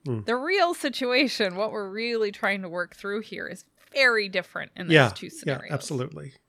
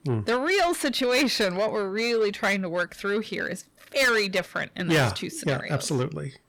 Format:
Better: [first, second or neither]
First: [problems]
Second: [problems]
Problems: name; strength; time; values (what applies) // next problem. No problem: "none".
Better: first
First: none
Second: distortion; heavy; 7 dB below the speech